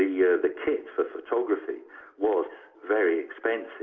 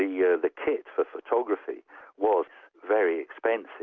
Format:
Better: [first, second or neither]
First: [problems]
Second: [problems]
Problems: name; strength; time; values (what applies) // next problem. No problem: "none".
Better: second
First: room echo; dies away in 1.5 s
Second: none